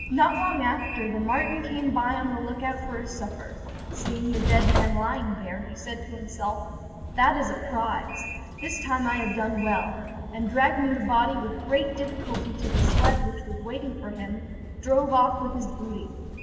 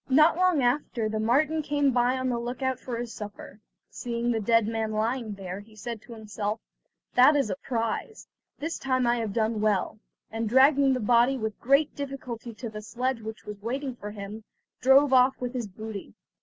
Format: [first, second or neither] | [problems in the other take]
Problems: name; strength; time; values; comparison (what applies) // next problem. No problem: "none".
second | background sound (Train); 3 dB below the speech // room echo; dies away in 2.9 s